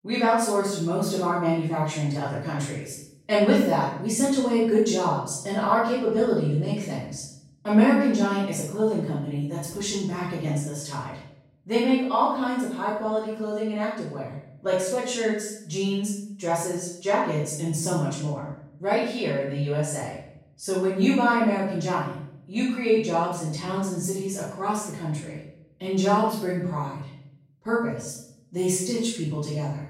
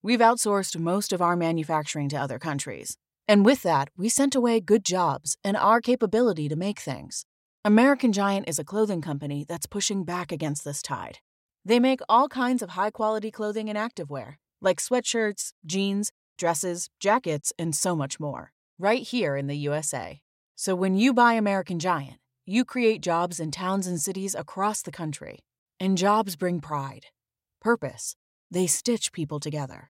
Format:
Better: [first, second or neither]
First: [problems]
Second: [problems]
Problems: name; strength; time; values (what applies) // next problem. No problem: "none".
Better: second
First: room echo; strong; dies away in 0.7 s // off-mic speech; far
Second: none